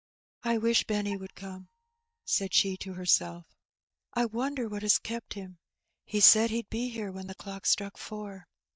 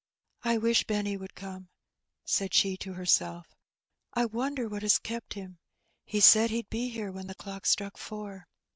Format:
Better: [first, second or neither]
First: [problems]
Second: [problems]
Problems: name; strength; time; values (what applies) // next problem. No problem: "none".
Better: second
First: noise reduction (neural mask model DeepFilterNet 3)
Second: none